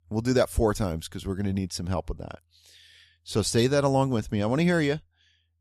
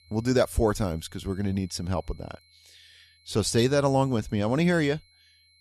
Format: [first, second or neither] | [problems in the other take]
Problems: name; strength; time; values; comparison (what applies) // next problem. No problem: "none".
first | high-pitched whine; faint; throughout; 4 kHz, 30 dB below the speech